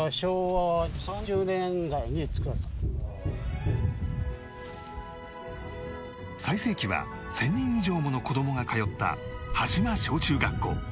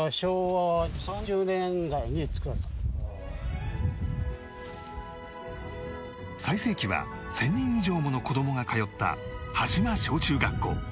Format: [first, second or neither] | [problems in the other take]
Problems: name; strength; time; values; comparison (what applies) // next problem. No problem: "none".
second | background sound (Tap); 11 dB below the speech